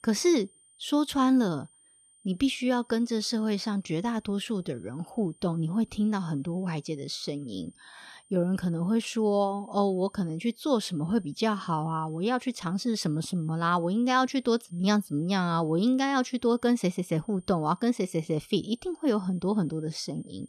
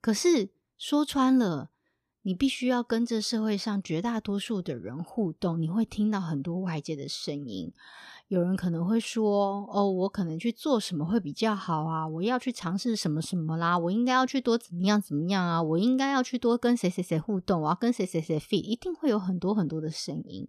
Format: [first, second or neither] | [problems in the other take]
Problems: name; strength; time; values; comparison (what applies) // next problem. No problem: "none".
second | high-pitched whine; faint; throughout; 9 kHz, 30 dB below the speech